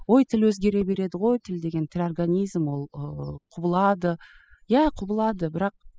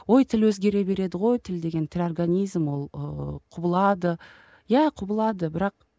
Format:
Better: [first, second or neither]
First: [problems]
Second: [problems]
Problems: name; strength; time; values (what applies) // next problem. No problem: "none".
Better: second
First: noise reduction (classical method spectral subtraction)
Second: none